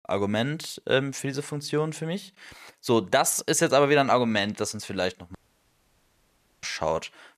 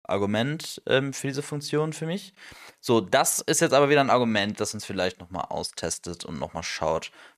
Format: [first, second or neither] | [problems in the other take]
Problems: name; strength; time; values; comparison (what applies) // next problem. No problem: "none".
second | audio cutting out; at 5.5 s for 1.5 s